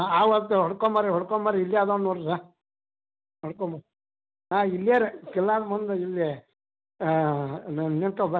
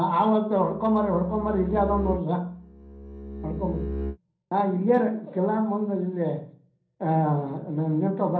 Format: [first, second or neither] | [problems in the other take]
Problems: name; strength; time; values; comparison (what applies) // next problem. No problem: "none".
first | background sound (Bowed string instrument); 8 dB below the speech // room echo; dies away in 0.6 s